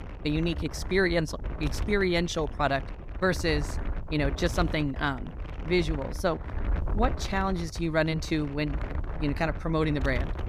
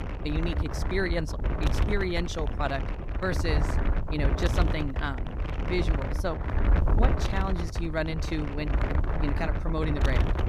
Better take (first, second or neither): first